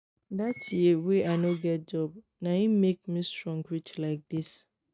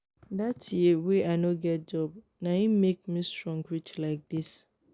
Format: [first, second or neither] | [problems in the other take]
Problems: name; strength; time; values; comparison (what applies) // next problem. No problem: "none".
second | noise reduction (neural mask model RNNoise)